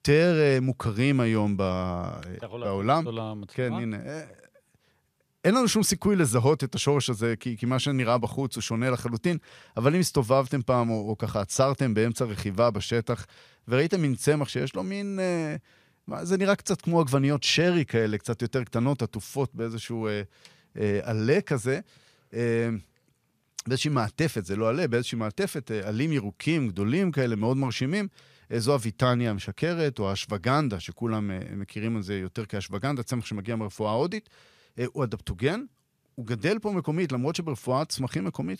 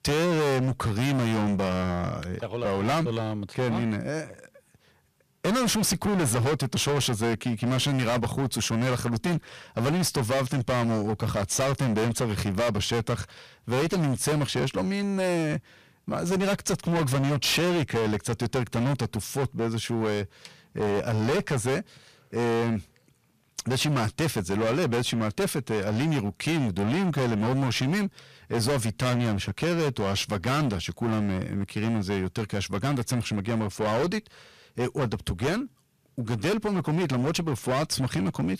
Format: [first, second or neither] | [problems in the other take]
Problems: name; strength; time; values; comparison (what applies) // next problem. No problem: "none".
first | distortion; heavy; 26% of the sound clipped